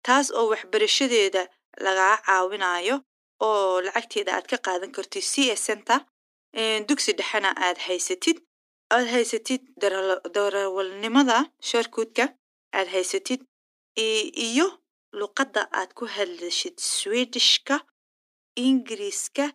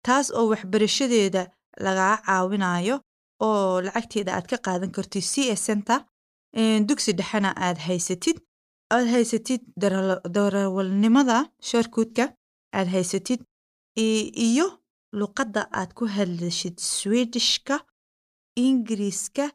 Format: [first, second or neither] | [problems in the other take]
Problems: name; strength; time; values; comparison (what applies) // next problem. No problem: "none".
second | thin; very slightly; fading below 250 Hz